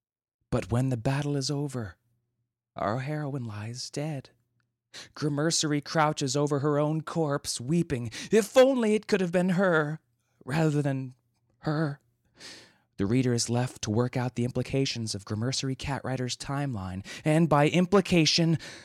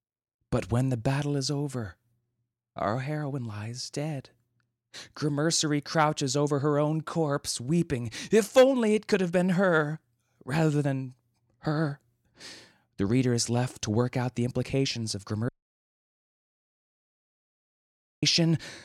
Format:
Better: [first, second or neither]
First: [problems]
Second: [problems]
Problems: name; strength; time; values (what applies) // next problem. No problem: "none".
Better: first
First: none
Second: audio cutting out; at 15 s for 2.5 s